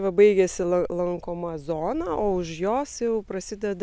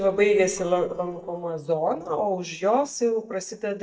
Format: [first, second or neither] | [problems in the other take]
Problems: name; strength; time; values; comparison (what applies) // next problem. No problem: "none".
first | noise reduction (neural mask model DeepFilterNet 3)